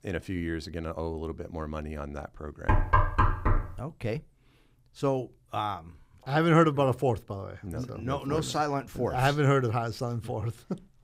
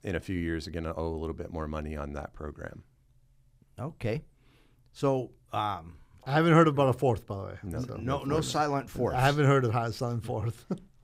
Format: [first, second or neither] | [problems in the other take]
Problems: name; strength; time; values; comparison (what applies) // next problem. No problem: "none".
second | door banging; loud; at 2.5 s; peak 5 dB above the speech